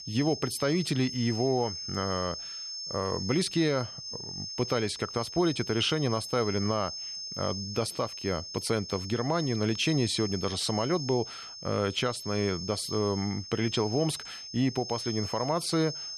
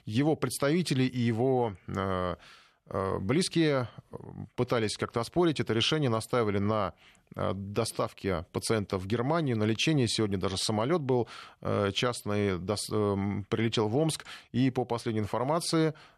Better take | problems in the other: second | high-pitched whine; loud; throughout; 5 kHz, 7 dB below the speech

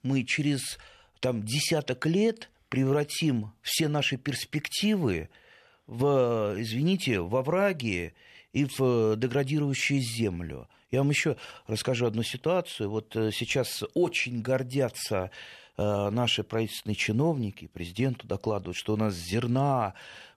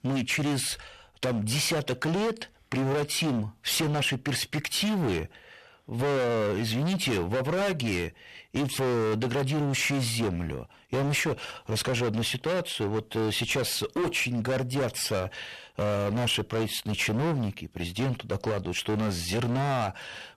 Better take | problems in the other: first | distortion; heavy; 27% of the sound clipped

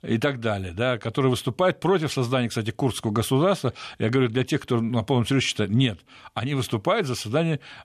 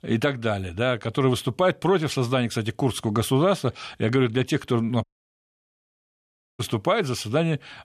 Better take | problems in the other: first | audio cutting out; at 5 s for 1.5 s

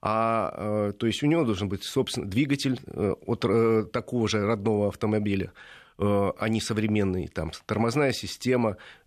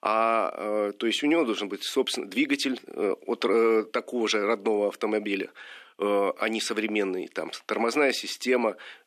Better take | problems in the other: first | thin; very slightly; fading below 250 Hz

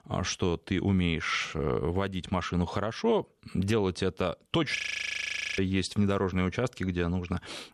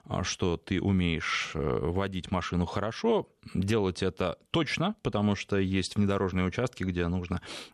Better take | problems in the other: second | audio freezing; at 5 s for 1 s

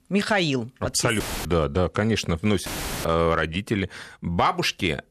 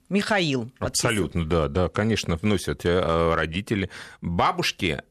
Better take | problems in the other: second | audio cutting out; filled with static; at 1 s and at 2.5 s

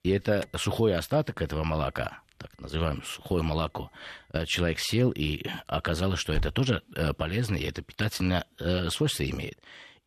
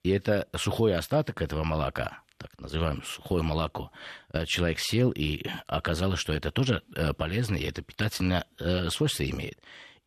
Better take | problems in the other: second | alarm; noticeable; until 6.5 s; peak 8 dB below the speech

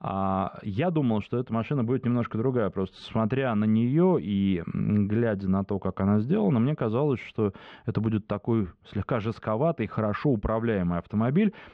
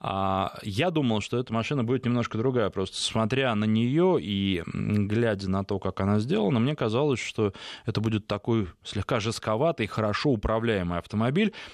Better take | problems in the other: second | muffled; very; fading above 2 kHz

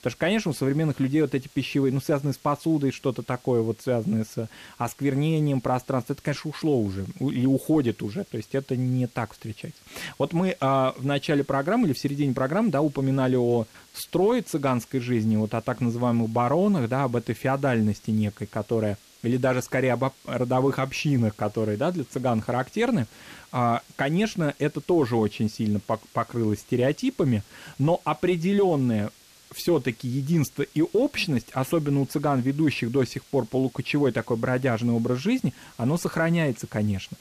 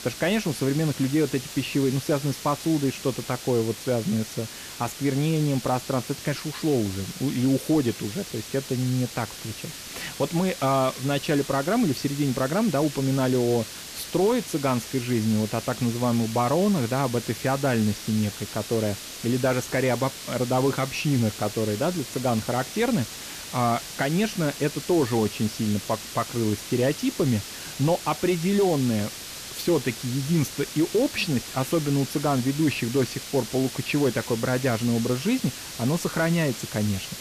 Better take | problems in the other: first | hiss; loud; throughout; 10 dB below the speech; faint in the first

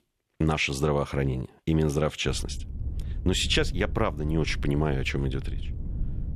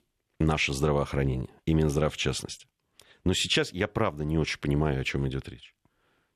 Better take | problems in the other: second | low rumble; faint; from 2.5 s on; 20 dB below the speech

